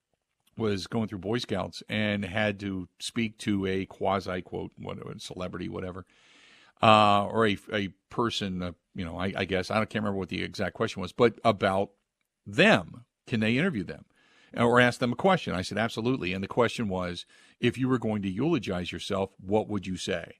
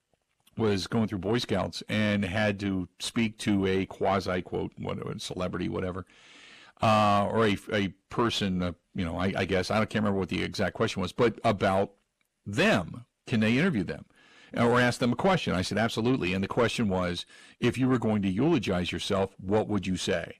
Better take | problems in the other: first | distortion; heavy; 7 dB below the speech

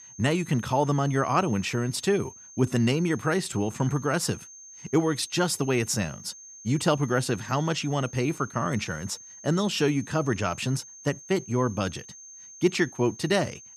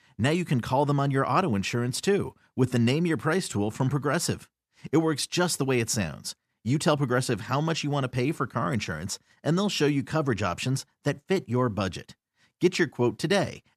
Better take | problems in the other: second | high-pitched whine; noticeable; throughout; 6.5 kHz, 15 dB below the speech

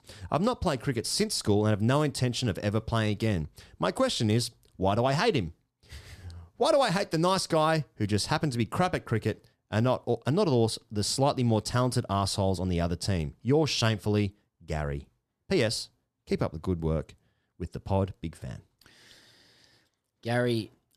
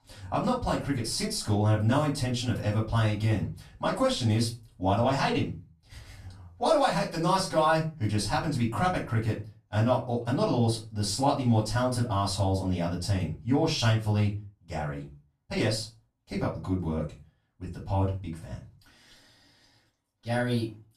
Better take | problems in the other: first | off-mic speech; far // room echo; very slight; dies away in 0.3 s

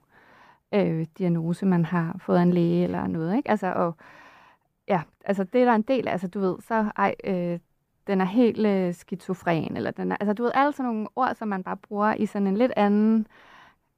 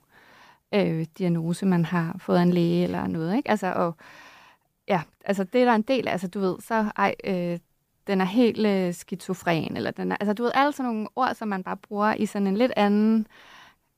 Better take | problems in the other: second | muffled; slightly; fading above 2.5 kHz

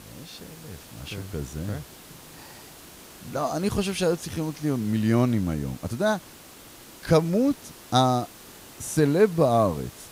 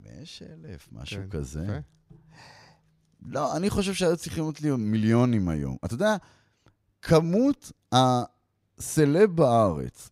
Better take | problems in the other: second | hiss; noticeable; throughout; 20 dB below the speech

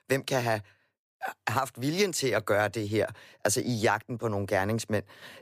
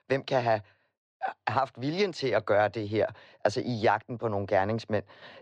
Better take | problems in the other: first | muffled; slightly; fading above 4.5 kHz

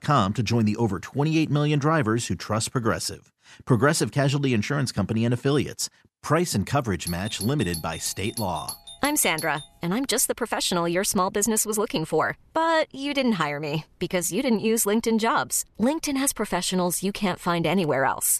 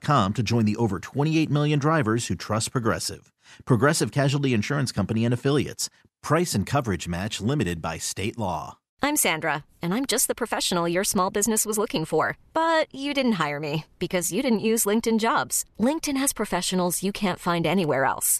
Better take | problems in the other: second | doorbell; noticeable; from 7 to 9.5 s; peak 9 dB below the speech

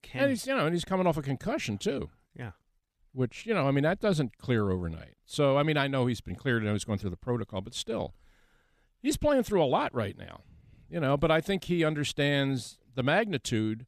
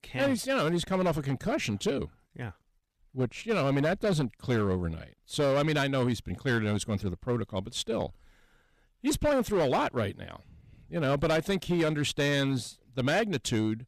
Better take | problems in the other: first | distortion; slight; 8% of the sound clipped

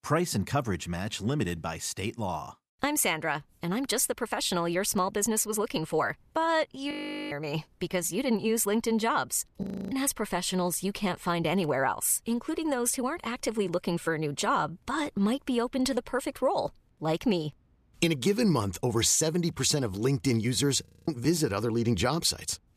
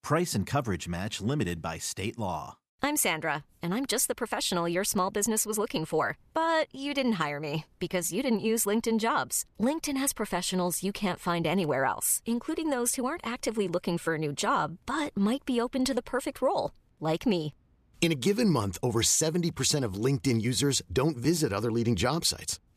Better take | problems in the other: second | audio freezing; at 7 s, at 9.5 s and at 21 s

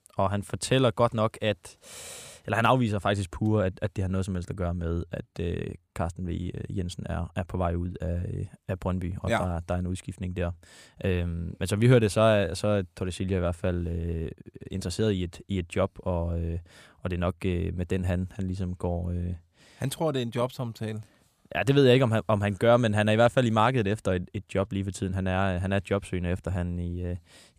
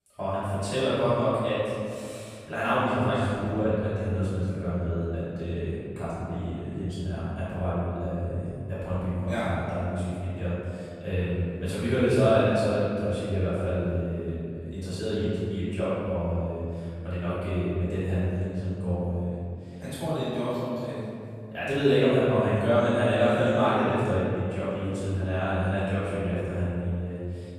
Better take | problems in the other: first | off-mic speech; far // room echo; strong; dies away in 2.1 s

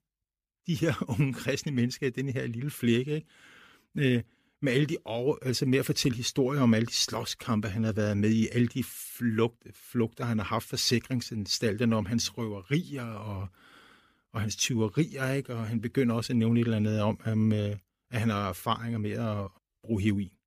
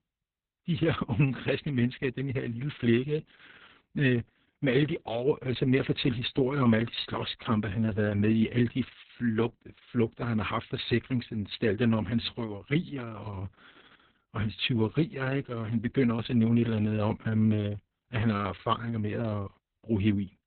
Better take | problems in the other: first | garbled, watery; badly; nothing above 4 kHz

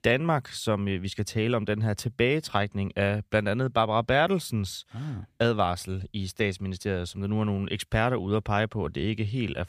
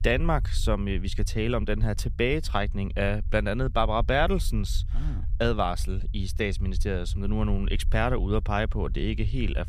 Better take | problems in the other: first | low rumble; faint; throughout; 25 dB below the speech

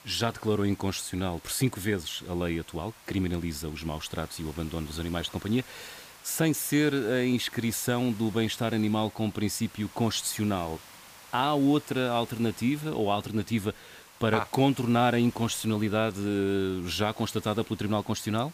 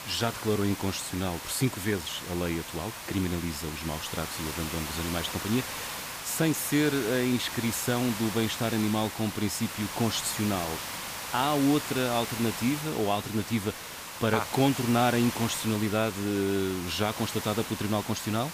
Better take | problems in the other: first | hiss; loud; throughout; 7 dB below the speech; faint in the first

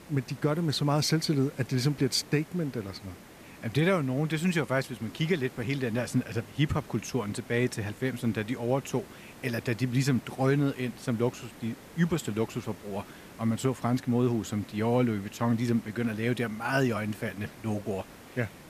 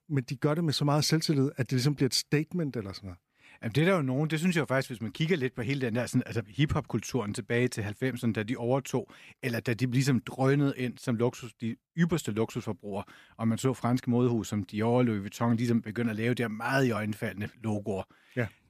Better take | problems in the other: second | hiss; noticeable; throughout; 20 dB below the speech

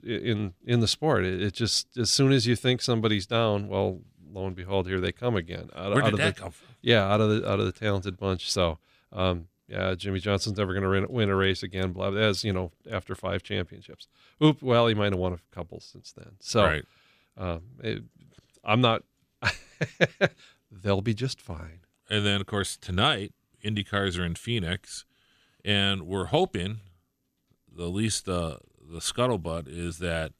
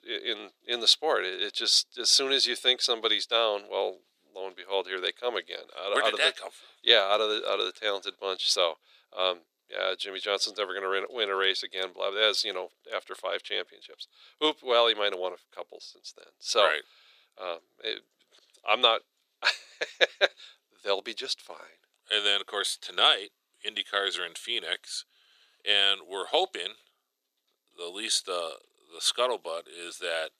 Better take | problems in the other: first | thin; very; fading below 450 Hz

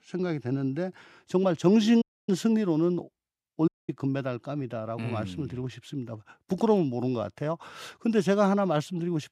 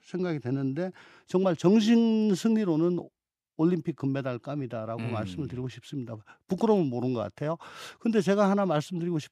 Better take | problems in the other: second | audio cutting out; at 2 s and at 3.5 s

